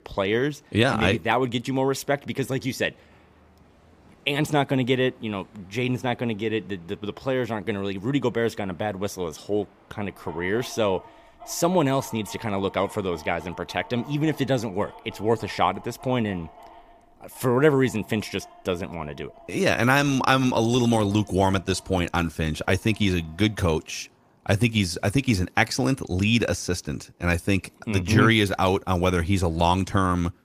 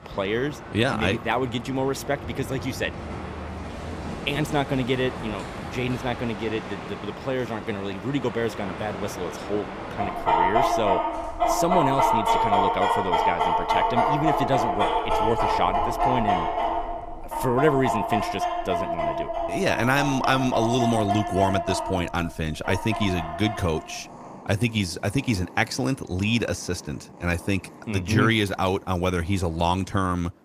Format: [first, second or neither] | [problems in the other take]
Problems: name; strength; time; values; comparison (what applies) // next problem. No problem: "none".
first | animal sounds; loud; throughout; as loud as the speech; faint in the first